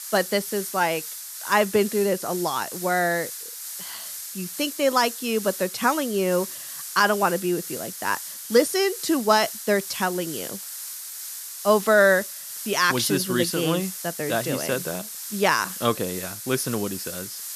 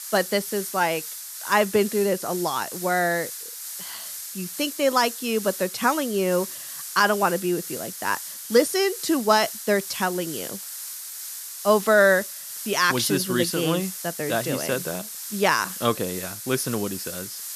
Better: neither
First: hiss; loud; throughout; 9 dB below the speech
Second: hiss; loud; throughout; 9 dB below the speech

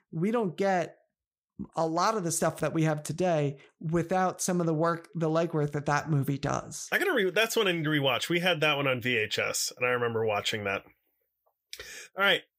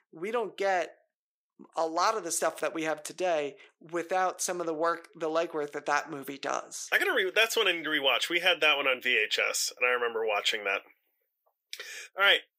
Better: first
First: none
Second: thin; very; fading below 350 Hz

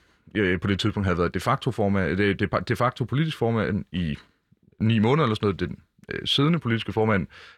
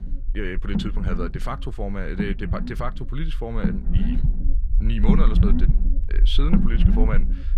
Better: first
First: none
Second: low rumble; loud; throughout; 2 dB below the speech

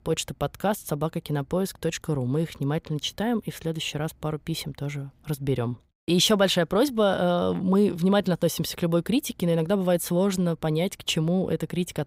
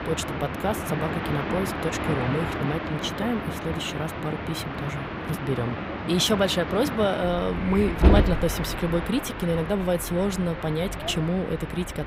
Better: first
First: none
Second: train or aircraft noise; loud; throughout; 3 dB below the speech

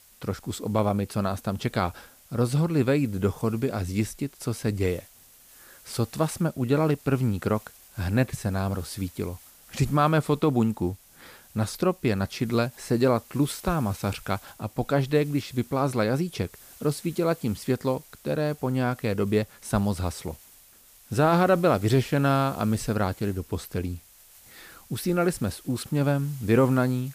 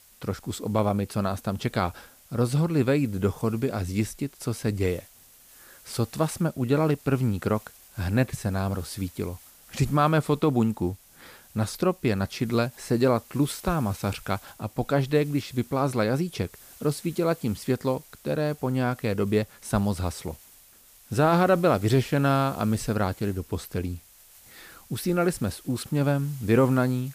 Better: neither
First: hiss; faint; throughout; 25 dB below the speech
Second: hiss; faint; throughout; 25 dB below the speech

